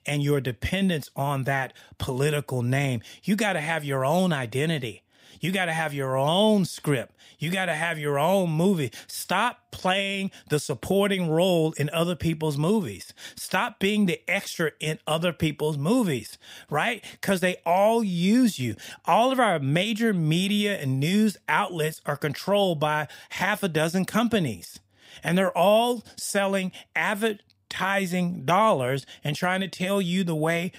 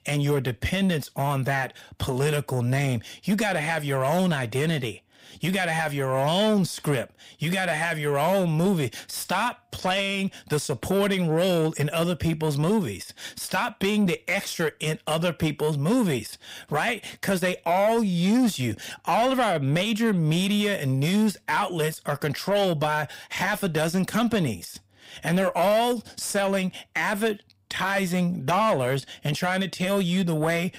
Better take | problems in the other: first | distortion; slight; 10 dB below the speech

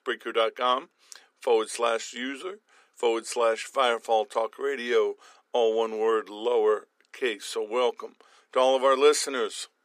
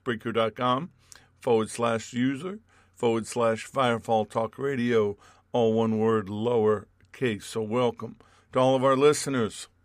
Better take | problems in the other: second | thin; somewhat; fading below 350 Hz

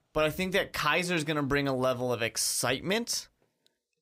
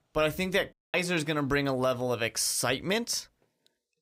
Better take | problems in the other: first | audio cutting out; at 0.5 s

